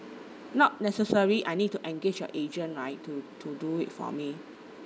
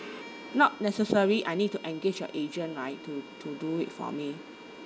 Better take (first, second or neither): first